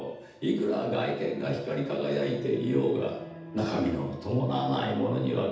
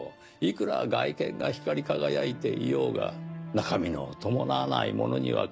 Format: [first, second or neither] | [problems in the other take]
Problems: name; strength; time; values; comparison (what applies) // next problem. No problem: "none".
second | room echo; dies away in 0.8 s